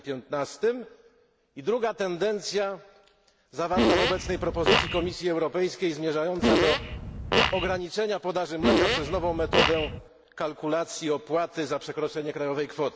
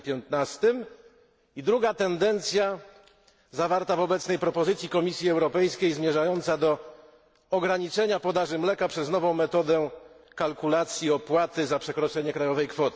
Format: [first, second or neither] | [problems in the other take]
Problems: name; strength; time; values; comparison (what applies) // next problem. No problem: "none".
second | background sound (Fart); 3 dB above the speech